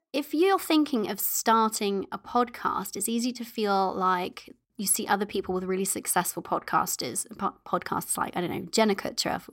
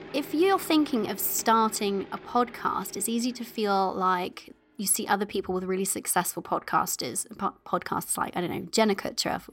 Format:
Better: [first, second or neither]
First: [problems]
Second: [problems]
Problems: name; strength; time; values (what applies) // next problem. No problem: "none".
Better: first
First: none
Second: household noises; noticeable; throughout; 20 dB below the speech